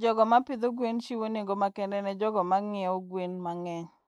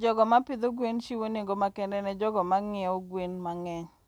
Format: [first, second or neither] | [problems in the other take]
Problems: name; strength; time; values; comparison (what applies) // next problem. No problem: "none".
second | noise reduction (neural mask model Resemble Enhance denoiser)